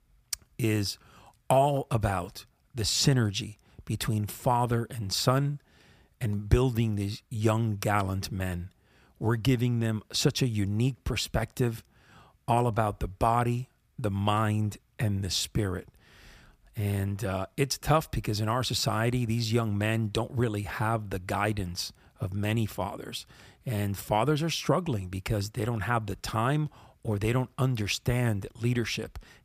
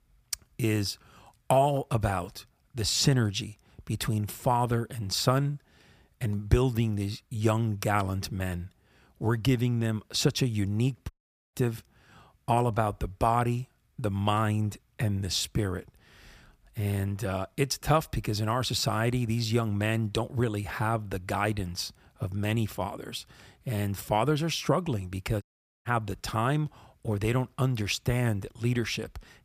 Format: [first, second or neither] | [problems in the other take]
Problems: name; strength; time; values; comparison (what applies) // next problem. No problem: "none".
first | audio cutting out; at 11 s and at 25 s